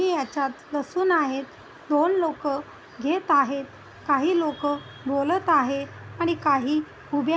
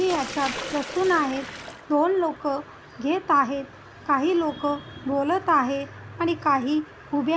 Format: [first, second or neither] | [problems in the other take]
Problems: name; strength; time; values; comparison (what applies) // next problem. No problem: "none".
first | background sound (Sink (filling or washing)); 16 dB below the speech